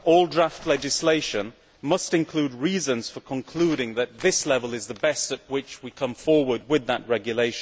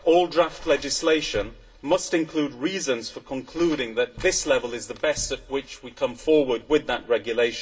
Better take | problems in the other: first | background sound (Bass drum); 20 dB below the speech // room echo; dies away in 0.2 s

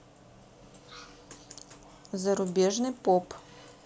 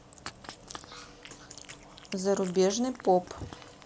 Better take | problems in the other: first | background sound (Cat); 17 dB below the speech

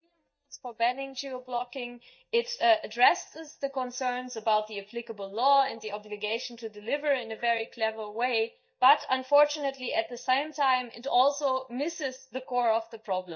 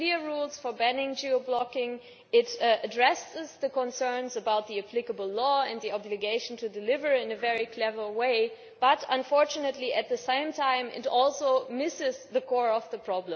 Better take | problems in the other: second | noise reduction (neural mask model DeepFilterNet 3)

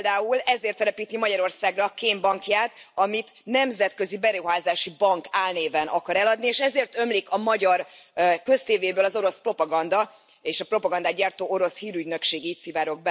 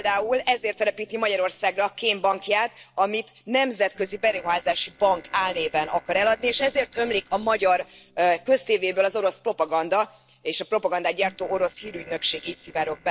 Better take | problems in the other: first | noise reduction (neural separator model SepFormer DNS4)

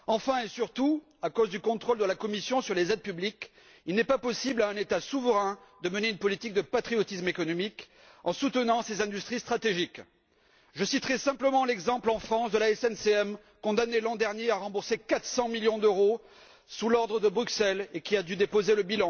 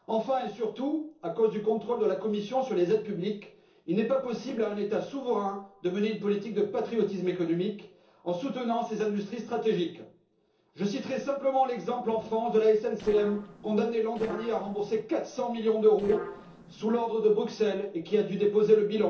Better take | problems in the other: first | noise reduction (neural separator model SepFormer DNS4)

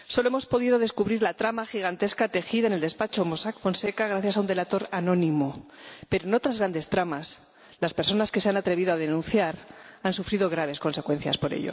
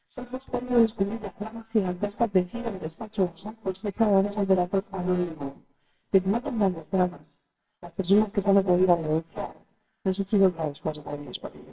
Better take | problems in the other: first | noise reduction (neural separator model SepFormer WHAMR!)

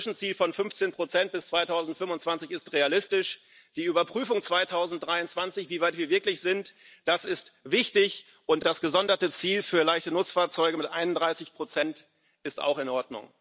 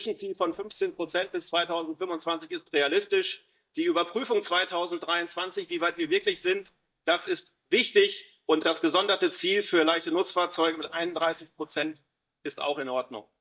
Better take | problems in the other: first | noise reduction (neural mask model DeepFilterNet 3)

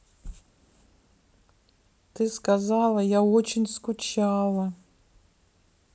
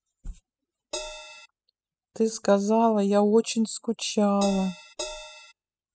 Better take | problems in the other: first | noise reduction (classical method spectral subtraction)

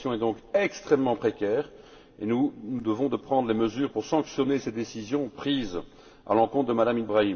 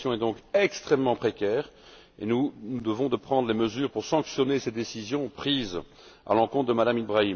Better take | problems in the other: second | room echo; dies away in 2.4 s

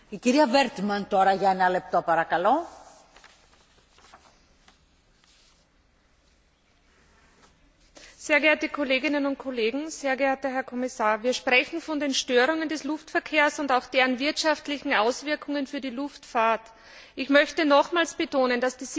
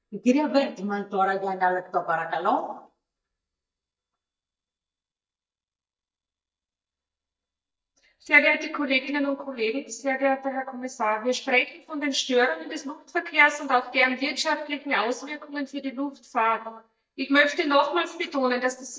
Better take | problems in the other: first | noise reduction (neural mask model DeepFilterNet 3)

